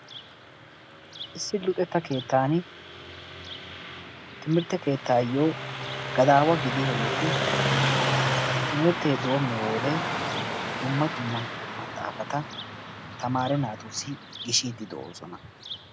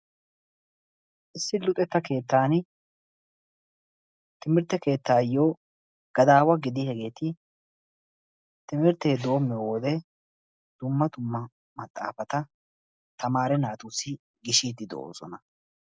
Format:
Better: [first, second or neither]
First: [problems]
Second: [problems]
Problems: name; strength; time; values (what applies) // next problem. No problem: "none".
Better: second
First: background sound (Car passing by); 3 dB below the speech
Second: none